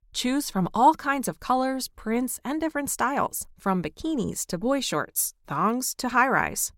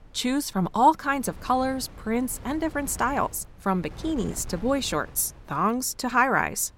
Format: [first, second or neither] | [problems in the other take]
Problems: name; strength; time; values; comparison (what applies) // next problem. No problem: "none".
first | wind noise on the microphone; occasional gusts; 25 dB below the speech